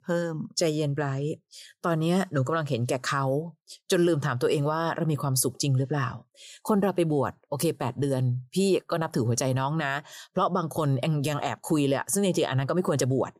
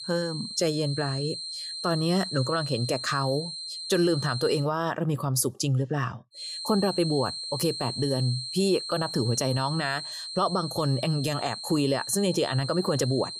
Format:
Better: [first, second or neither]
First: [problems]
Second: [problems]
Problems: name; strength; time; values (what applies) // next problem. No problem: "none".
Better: first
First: none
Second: high-pitched whine; loud; until 4.5 s and from 6.5 s on; 4 kHz, 6 dB below the speech